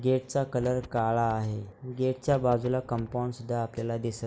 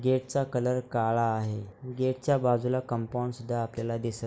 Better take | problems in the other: second | background sound (Wind); 18 dB below the speech

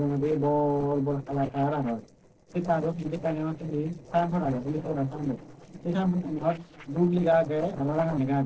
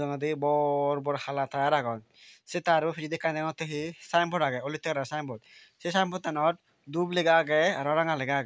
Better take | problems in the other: second | noise reduction (neural separator model SepFormer DNS4)

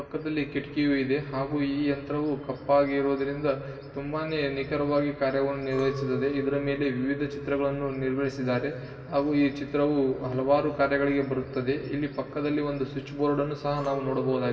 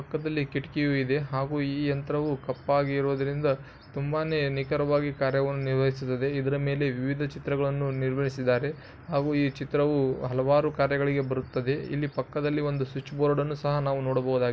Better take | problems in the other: second | background sound (Chink, clink); 17 dB below the speech // room echo; dies away in 2.3 s

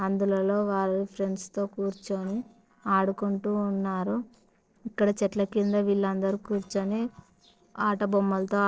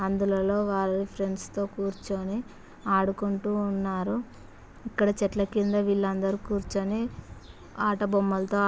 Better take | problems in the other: second | noise reduction (neural separator model SepFormer DNS4)

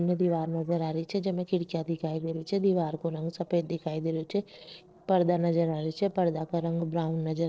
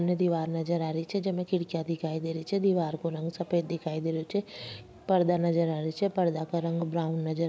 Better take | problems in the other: second | noise reduction (neural separator model SepFormer DNS4)

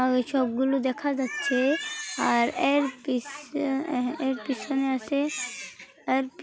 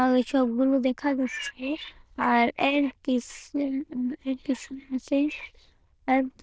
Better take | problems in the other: first | noise reduction (neural diffusion model UNIVERSE++)

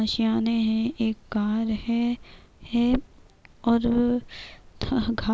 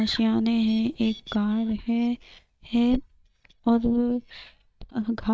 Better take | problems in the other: first | noise reduction (neural mask model DeepFilterNet 3)

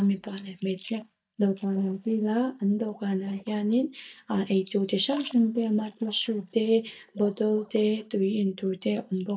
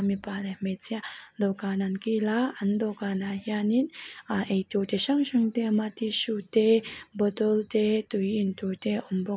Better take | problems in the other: second | noise reduction (neural mask model DeepFilterNet 3)

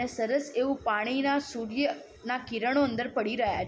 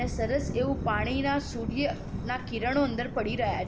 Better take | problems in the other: first | background sound (Thunder); 5 dB below the speech

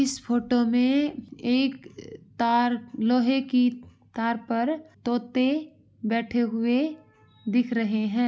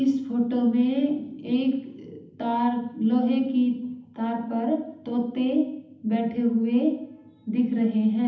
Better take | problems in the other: first | room echo; dies away in 0.8 s

